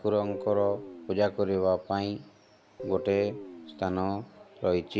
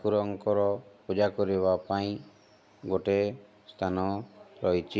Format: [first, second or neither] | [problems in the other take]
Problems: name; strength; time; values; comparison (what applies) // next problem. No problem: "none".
second | background sound (Guitar); 13 dB below the speech